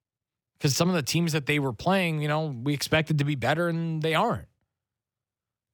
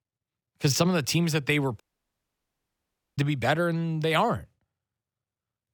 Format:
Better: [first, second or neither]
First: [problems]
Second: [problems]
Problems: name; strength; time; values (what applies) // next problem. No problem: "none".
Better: first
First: none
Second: audio cutting out; at 2 s for 1.5 s